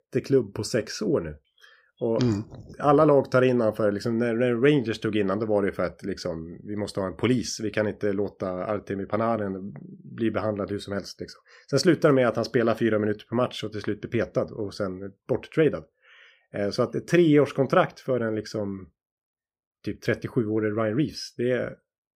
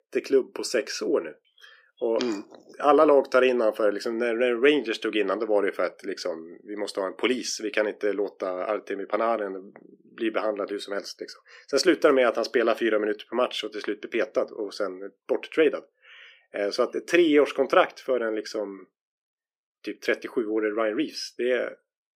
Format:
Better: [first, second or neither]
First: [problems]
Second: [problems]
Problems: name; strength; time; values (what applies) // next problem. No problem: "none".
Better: first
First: none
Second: thin; somewhat; fading below 300 Hz